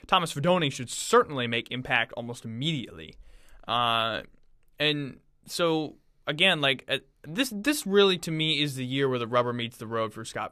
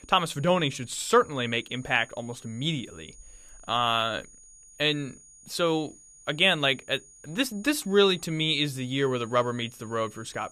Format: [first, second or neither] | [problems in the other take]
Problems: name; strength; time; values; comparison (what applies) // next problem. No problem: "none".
first | high-pitched whine; faint; throughout; 6.5 kHz, 25 dB below the speech